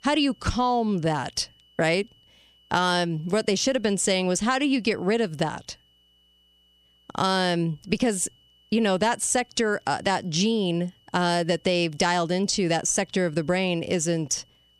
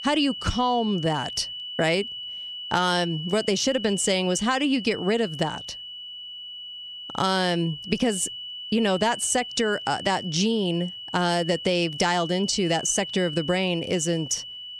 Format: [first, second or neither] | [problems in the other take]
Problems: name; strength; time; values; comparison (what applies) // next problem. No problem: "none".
first | high-pitched whine; loud; throughout; 3 kHz, 9 dB below the speech; faint in the first